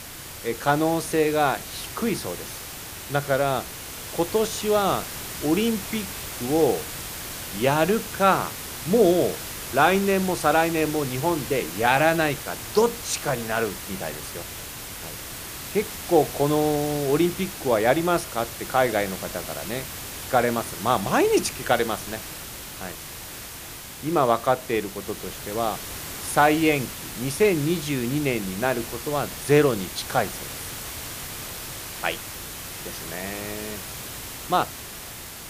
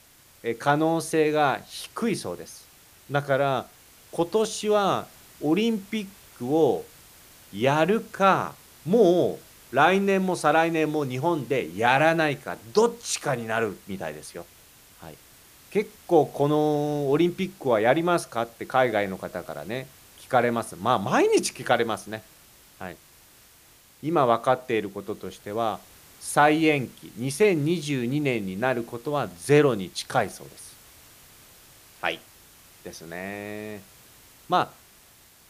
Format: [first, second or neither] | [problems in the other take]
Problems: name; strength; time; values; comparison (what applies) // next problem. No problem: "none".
second | hiss; loud; throughout; 9 dB below the speech; faint in the second